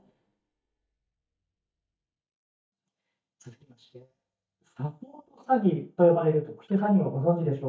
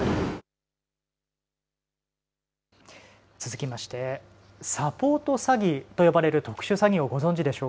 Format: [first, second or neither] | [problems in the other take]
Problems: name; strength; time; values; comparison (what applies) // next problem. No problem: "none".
second | noise reduction (neural mask model DeepFilterNet 3)